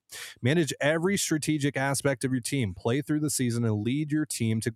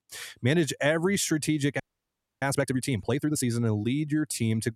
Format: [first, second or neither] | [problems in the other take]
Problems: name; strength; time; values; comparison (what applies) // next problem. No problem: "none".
first | audio freezing; at 2 s for 0.5 s